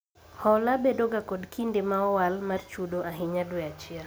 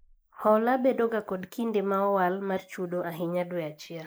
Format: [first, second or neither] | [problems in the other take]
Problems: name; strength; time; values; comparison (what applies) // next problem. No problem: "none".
first | noise reduction (neural mask model Resemble Enhance denoiser)